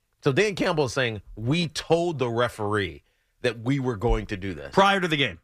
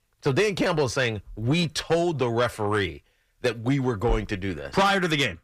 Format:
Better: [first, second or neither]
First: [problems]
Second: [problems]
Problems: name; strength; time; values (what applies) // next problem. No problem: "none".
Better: first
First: none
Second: distortion; slight; 10 dB below the speech